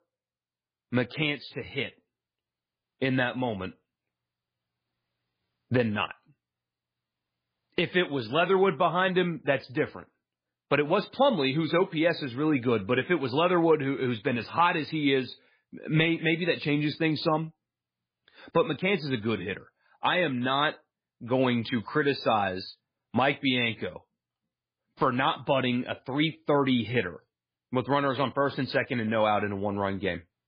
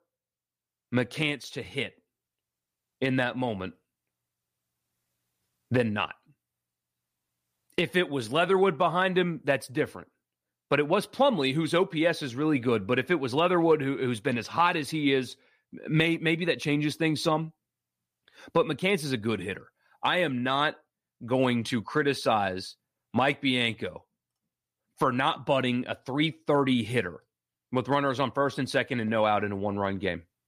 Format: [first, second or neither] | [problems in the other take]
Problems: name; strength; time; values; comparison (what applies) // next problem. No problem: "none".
second | garbled, watery; badly